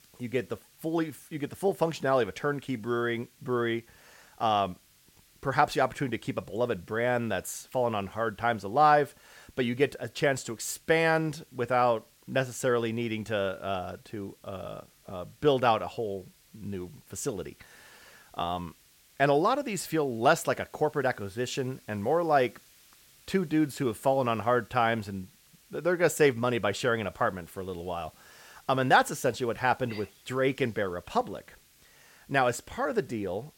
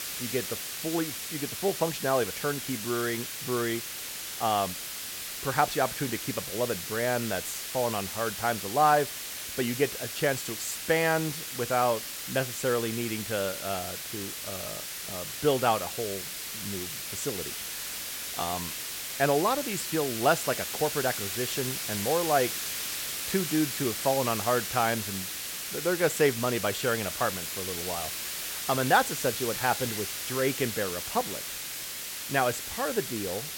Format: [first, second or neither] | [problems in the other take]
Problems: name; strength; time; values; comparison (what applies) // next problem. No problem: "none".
first | hiss; loud; throughout; 4 dB below the speech; faint in the first